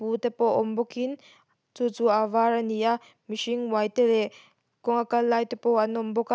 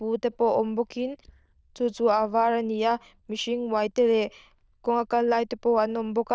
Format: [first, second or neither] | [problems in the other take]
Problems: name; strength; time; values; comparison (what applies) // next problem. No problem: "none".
first | noise reduction (neural diffusion model UNIVERSE++)